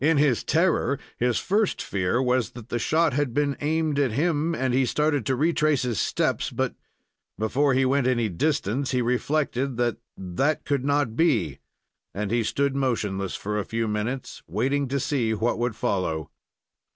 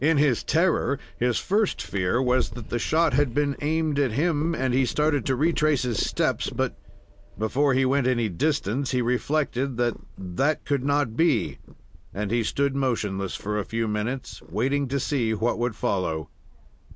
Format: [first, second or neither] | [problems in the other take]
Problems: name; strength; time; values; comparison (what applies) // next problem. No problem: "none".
first | background sound (Purr); 12 dB below the speech